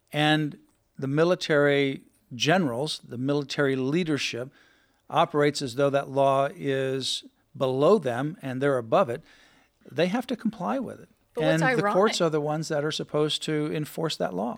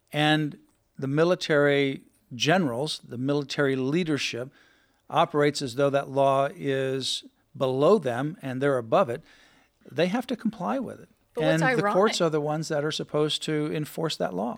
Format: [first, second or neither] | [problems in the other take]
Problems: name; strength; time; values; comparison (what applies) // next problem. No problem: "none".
neither | none